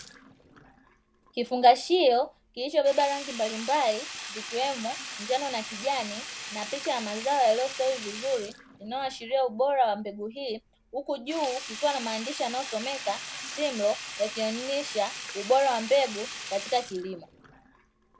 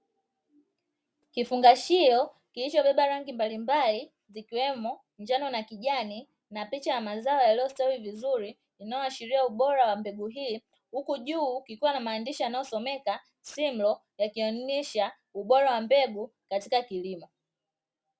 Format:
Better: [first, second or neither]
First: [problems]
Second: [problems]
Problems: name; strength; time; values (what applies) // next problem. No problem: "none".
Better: second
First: background sound (Sink (filling or washing)); 12 dB below the speech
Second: none